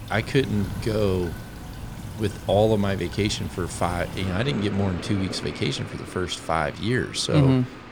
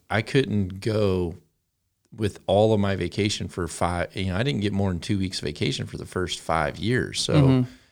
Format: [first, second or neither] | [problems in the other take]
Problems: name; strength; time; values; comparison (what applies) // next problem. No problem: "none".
second | rain or running water; noticeable; throughout; 10 dB below the speech